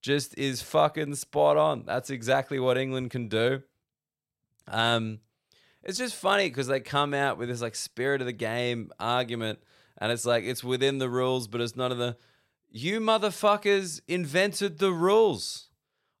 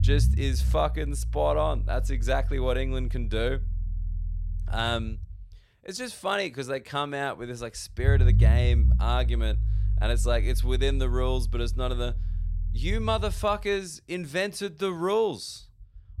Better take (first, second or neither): first